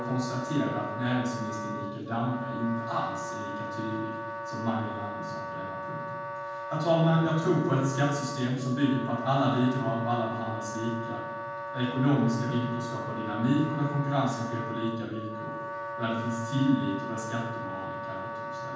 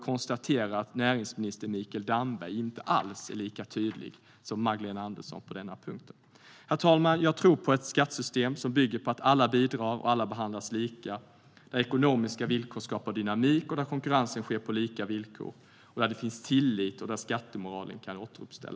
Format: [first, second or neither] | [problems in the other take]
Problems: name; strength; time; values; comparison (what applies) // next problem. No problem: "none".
second | background sound (Wind instrument, woodwind instrument); 7 dB below the speech // room echo; dies away in 1.2 s